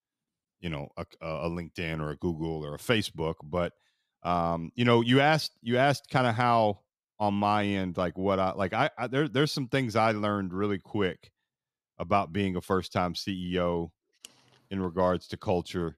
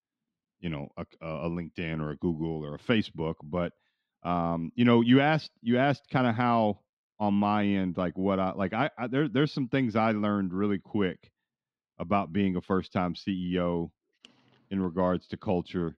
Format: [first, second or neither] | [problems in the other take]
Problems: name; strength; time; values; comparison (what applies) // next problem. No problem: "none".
first | muffled; very slightly; fading above 3 kHz